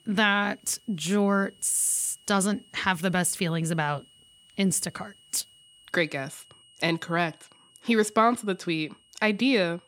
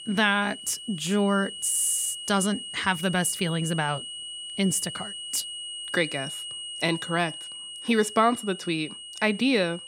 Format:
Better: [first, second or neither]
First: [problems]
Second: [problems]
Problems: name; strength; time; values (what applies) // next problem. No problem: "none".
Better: first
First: high-pitched whine; faint; throughout; 3 kHz, 30 dB below the speech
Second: high-pitched whine; loud; throughout; 3 kHz, 9 dB below the speech